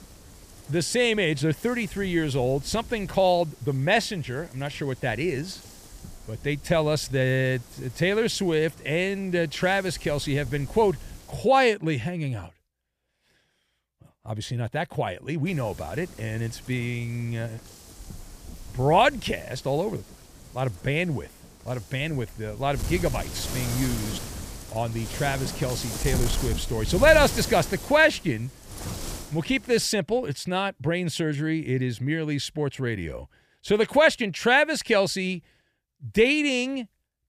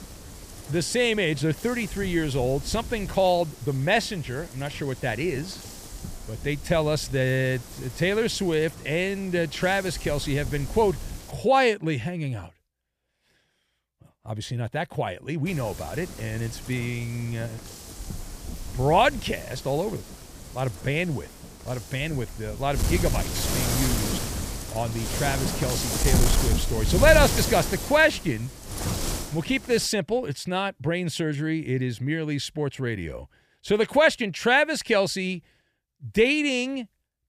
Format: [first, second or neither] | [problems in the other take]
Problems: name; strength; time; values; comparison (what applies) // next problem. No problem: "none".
first | wind noise on the microphone; heavy; until 11 s and from 15 to 30 s; 10 dB below the speech; occasional gusts in the first